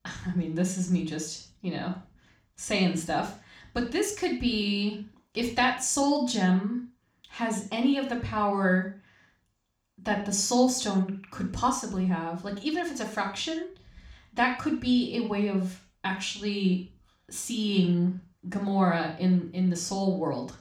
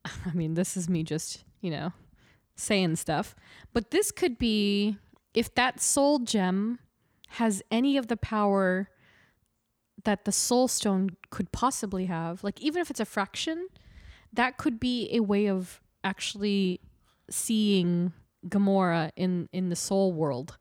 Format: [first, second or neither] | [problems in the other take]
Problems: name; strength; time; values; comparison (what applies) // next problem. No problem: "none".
second | room echo; noticeable; dies away in 0.4 s // off-mic speech; far